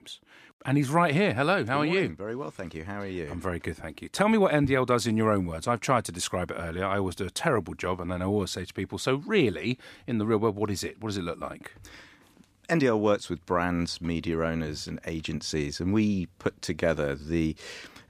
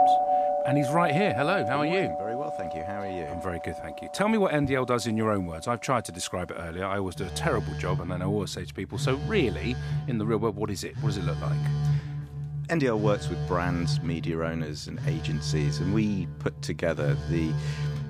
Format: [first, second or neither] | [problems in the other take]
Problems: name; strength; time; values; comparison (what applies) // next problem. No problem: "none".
first | alarms or sirens; loud; throughout; 2 dB below the speech